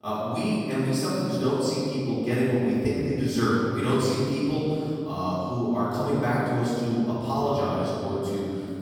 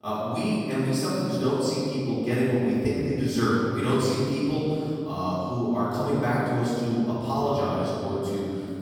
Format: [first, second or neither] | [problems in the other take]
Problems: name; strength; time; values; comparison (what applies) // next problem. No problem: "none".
neither | room echo; strong; dies away in 2.4 s; the same in both // off-mic speech; far; the same in both